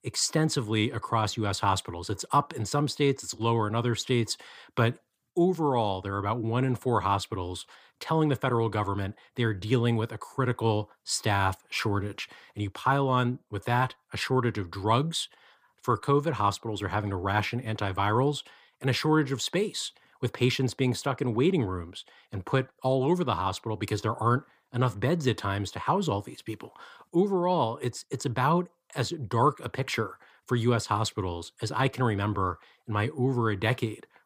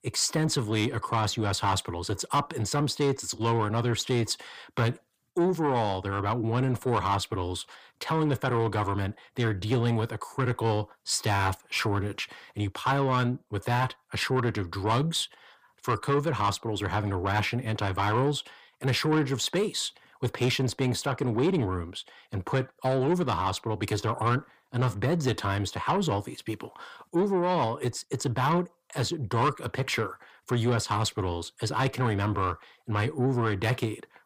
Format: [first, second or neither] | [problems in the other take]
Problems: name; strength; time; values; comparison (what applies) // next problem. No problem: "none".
first | distortion; slight; 10 dB below the speech